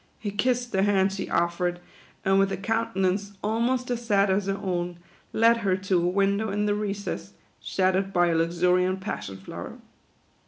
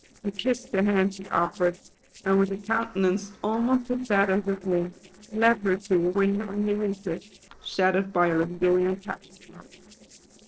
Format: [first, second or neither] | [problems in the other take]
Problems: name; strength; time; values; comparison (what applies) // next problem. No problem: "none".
first | noise reduction (neural separator model SepFormer DNS4)